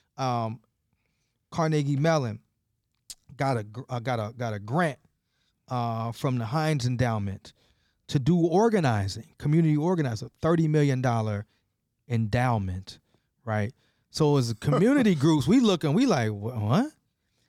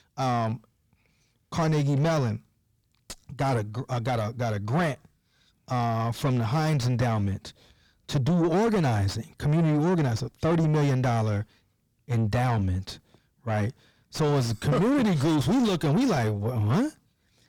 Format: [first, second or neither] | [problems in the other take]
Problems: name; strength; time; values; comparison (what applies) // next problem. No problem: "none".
first | distortion; heavy; 5 dB below the speech